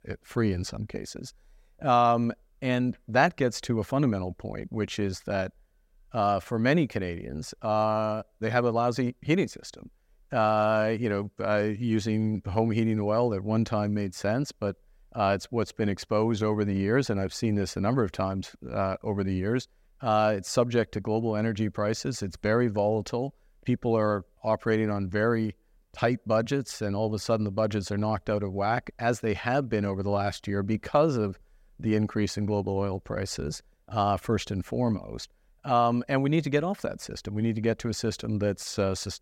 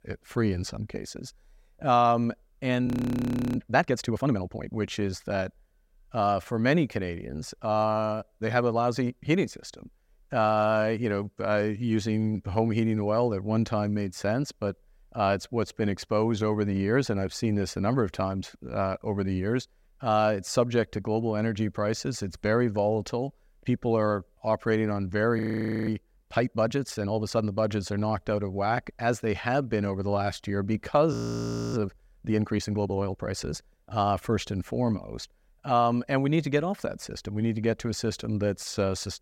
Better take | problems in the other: first | audio freezing; at 3 s for 0.5 s, at 25 s and at 31 s for 0.5 s

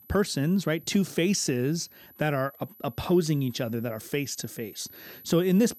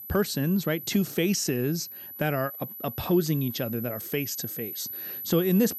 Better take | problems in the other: first | high-pitched whine; loud; throughout; 12 kHz, 8 dB below the speech; faint in the first

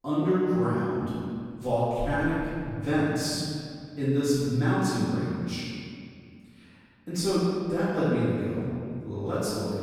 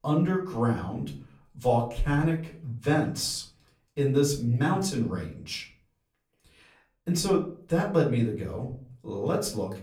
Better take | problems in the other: second | room echo; strong; dies away in 2.1 s; slight in the second // off-mic speech; far; far in the second

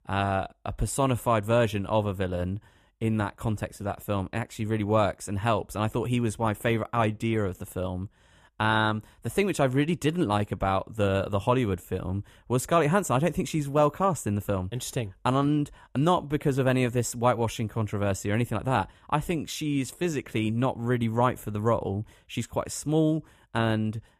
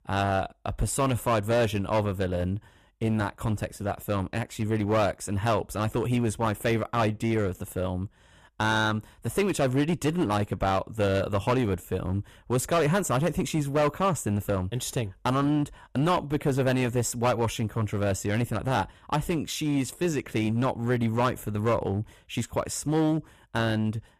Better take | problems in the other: first | distortion; slight; 7% of the sound clipped

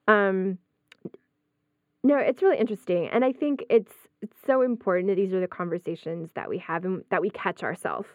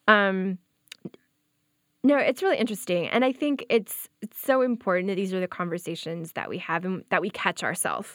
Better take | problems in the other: second | muffled; very; fading above 3 kHz

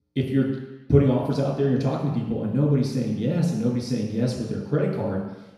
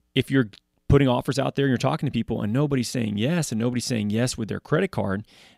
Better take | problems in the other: second | room echo; noticeable; dies away in 0.9 s // off-mic speech; far

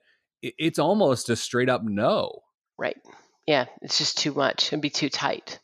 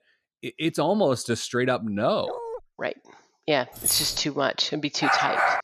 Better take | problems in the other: first | dog barking; noticeable; at 2 s; peak 9 dB below the speech // jangling keys; loud; at 4 s; peak 1 dB above the speech // dog barking; loud; at 5 s; peak 4 dB above the speech

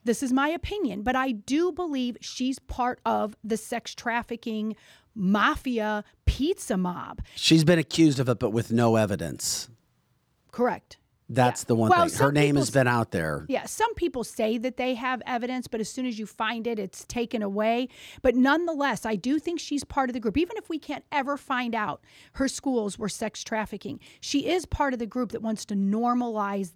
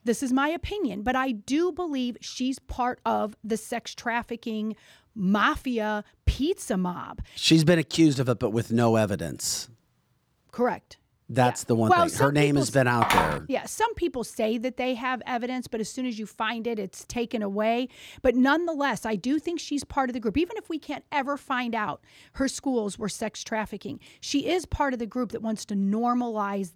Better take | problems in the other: first | phone ringing; loud; at 13 s; peak 4 dB above the speech

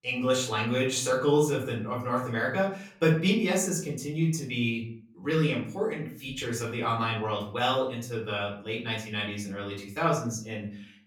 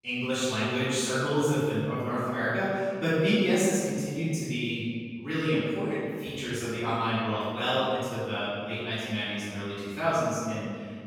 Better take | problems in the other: first | room echo; strong; dies away in 1.9 s; slight in the first // off-mic speech; far; far in the first

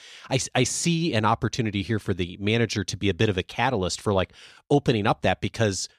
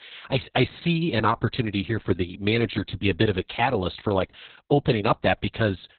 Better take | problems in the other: first | garbled, watery; badly; nothing above 4 kHz

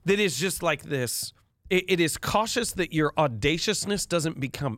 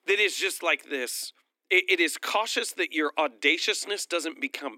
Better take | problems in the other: first | thin; somewhat; fading below 250 Hz

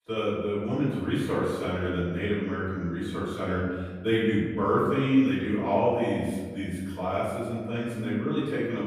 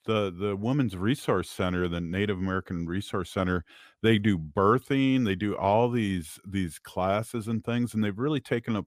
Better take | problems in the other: second | off-mic speech; far // room echo; strong; dies away in 1.3 s

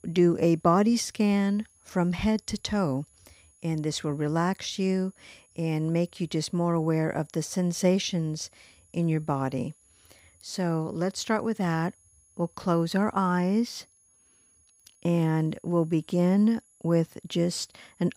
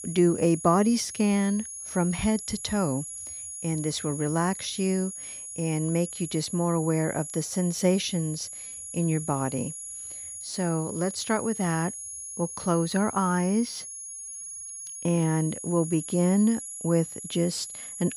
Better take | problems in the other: first | high-pitched whine; loud; throughout; 10.5 kHz, 9 dB below the speech; faint in the first

